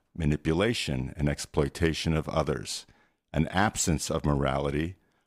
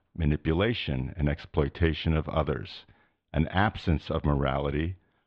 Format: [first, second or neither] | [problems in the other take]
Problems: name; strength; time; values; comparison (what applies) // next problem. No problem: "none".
first | muffled; very; fading above 3.5 kHz